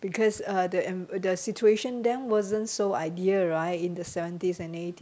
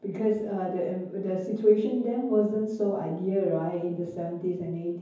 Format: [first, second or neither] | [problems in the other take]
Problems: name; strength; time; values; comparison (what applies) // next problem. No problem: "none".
first | room echo; dies away in 0.9 s